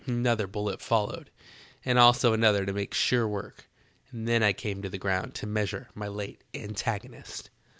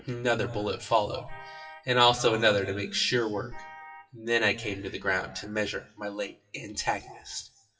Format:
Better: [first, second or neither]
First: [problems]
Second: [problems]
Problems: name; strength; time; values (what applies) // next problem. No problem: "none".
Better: first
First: none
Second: noise reduction (classical method WPE with log-MMSE)